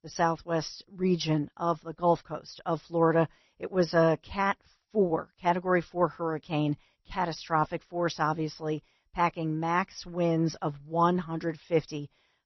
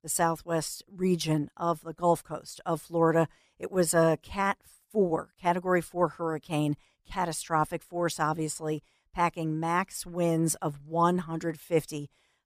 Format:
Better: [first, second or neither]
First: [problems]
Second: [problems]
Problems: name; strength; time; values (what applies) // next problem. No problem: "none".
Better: second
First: garbled, watery; slightly; nothing above 6 kHz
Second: none